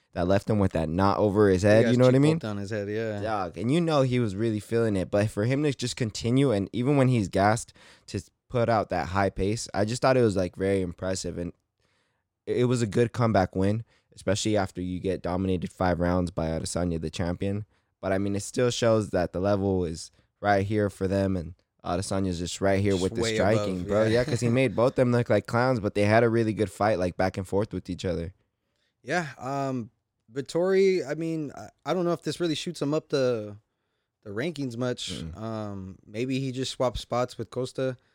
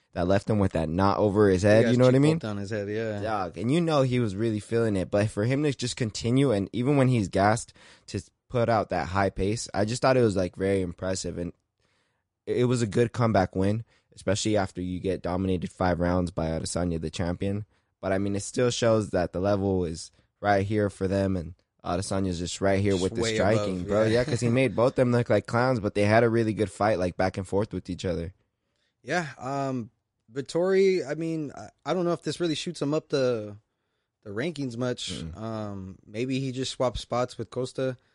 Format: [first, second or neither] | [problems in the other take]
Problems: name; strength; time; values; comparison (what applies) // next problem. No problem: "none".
first | garbled, watery; slightly; nothing above 10.5 kHz